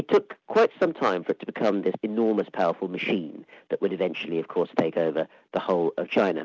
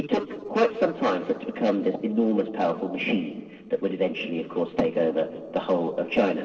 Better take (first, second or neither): first